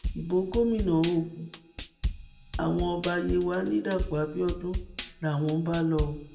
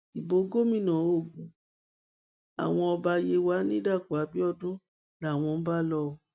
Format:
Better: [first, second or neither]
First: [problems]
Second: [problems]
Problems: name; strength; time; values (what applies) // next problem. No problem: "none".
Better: second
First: background sound (Drum kit); 7 dB below the speech // room echo; dies away in 0.6 s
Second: none